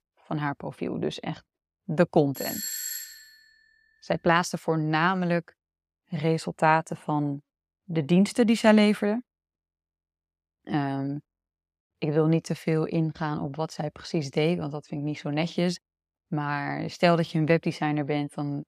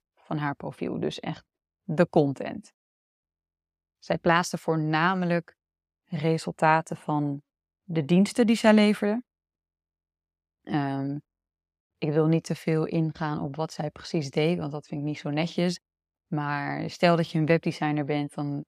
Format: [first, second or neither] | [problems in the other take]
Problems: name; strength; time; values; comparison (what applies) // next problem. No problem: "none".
second | doorbell; noticeable; at 2.5 s; peak 4 dB below the speech